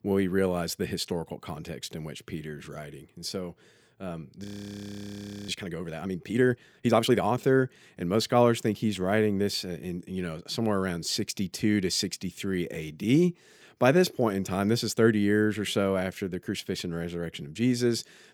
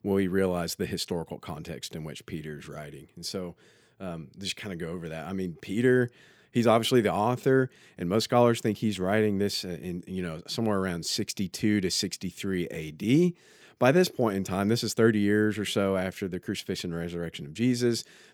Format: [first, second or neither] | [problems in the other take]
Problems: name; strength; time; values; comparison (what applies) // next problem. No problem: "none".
second | audio freezing; at 4.5 s for 1 s